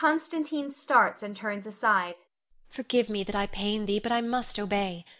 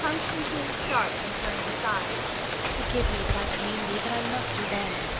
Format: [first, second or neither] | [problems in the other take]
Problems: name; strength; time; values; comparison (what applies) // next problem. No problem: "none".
first | background sound (Rain); 3 dB above the speech